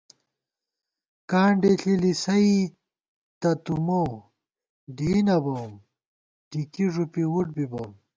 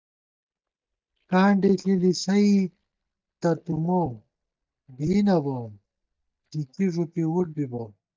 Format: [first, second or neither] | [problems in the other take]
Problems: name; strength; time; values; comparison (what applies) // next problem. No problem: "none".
first | noise reduction (neural mask model DeepFilterNet 3)